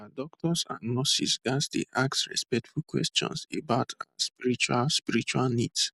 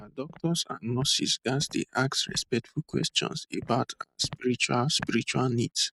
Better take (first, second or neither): first